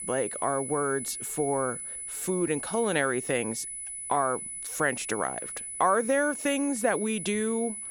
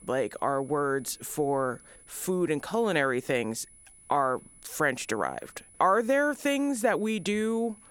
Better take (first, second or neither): second